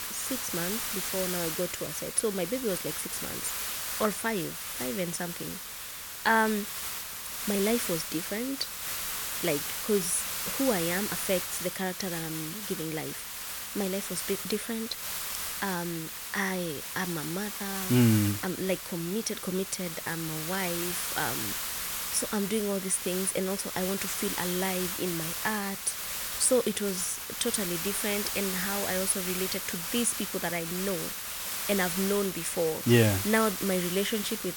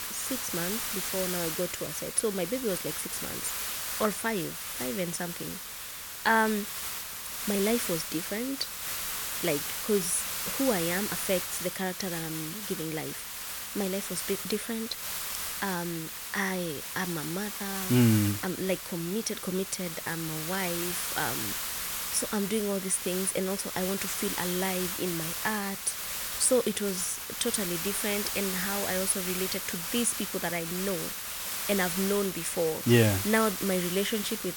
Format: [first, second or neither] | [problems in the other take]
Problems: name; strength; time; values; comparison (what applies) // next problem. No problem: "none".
neither | hiss; loud; throughout; 2 dB below the speech; the same in both